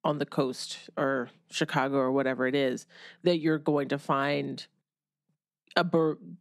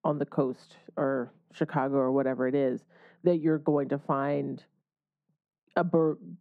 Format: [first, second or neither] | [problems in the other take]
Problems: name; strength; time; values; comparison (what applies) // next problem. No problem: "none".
first | muffled; very; fading above 2 kHz